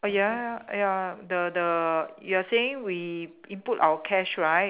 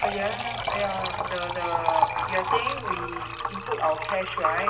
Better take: first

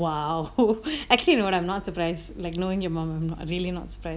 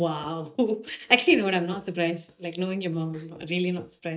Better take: first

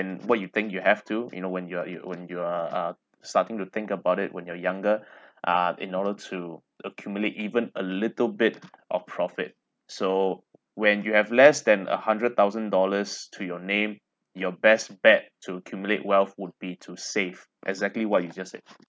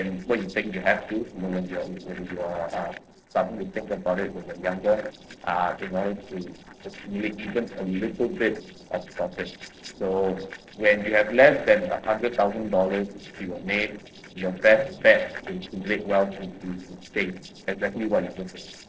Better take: first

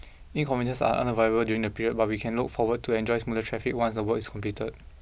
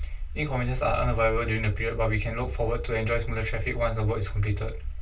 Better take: first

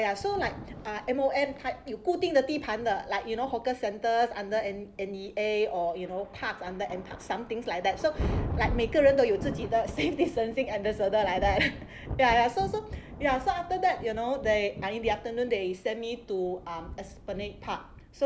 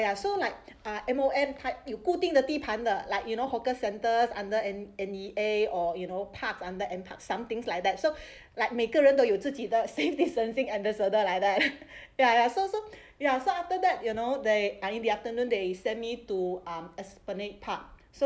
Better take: second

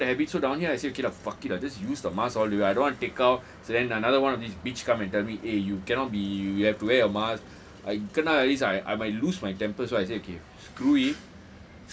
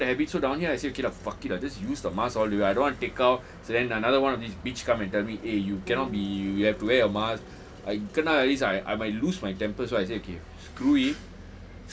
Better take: first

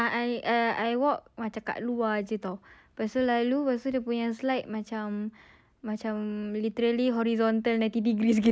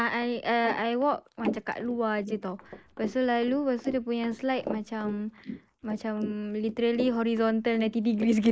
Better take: first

